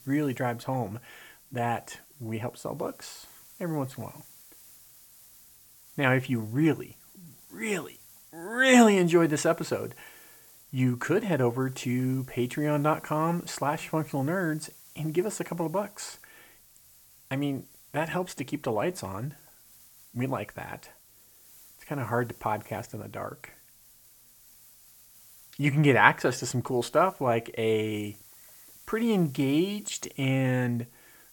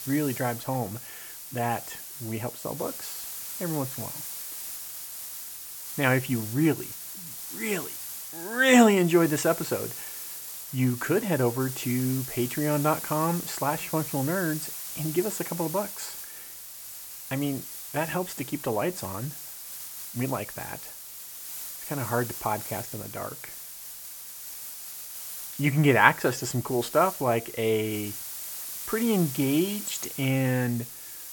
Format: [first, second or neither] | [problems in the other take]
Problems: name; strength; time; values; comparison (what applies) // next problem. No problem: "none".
first | hiss; loud; throughout; 9 dB below the speech; faint in the first